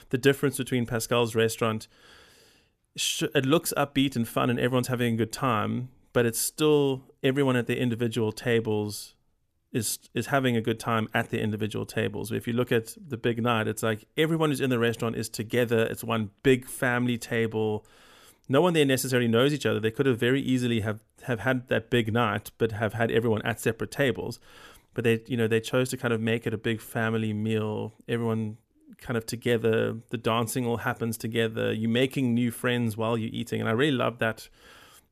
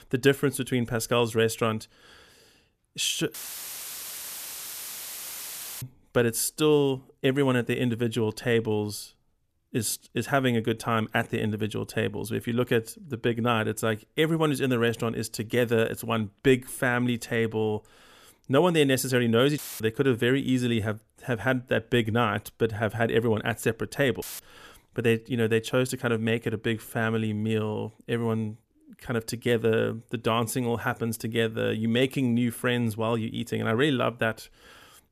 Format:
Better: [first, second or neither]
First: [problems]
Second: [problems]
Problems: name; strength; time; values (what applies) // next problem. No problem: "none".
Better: first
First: none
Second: audio cutting out; filled with static; at 3.5 s for 2.5 s, at 20 s and at 24 s